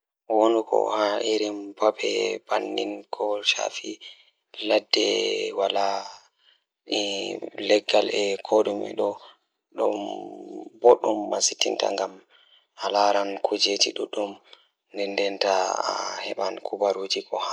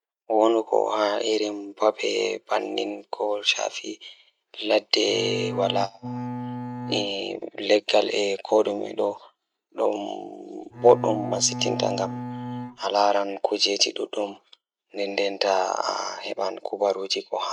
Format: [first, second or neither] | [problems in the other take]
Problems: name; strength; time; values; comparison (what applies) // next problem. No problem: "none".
first | noise reduction (neural mask model RNNoise)